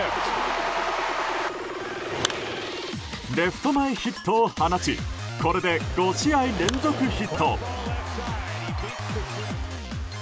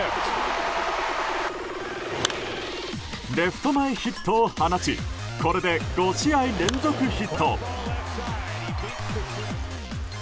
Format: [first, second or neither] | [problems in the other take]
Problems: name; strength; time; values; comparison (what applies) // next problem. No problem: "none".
first | background sound (Printer); 19 dB below the speech